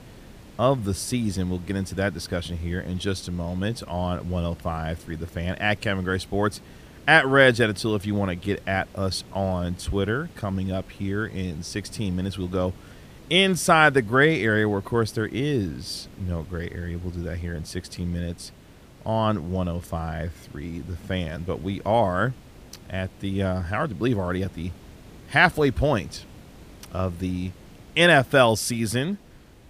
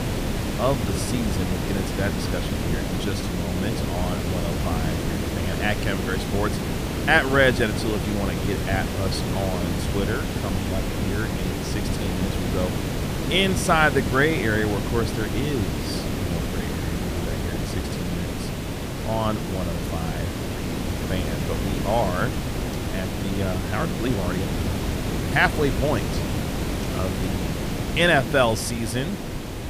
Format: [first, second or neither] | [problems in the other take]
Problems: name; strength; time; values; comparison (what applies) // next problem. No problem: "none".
first | hiss; loud; throughout; 1 dB below the speech; faint in the first